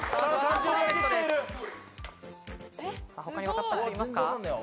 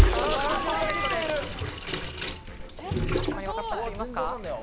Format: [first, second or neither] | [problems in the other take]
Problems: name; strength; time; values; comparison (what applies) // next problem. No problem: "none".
first | background sound (Sink (filling or washing) / Water tap, faucet); 2 dB above the speech